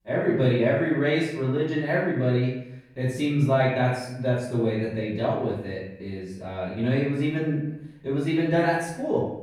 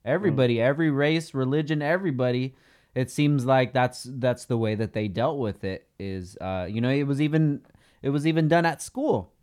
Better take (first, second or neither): second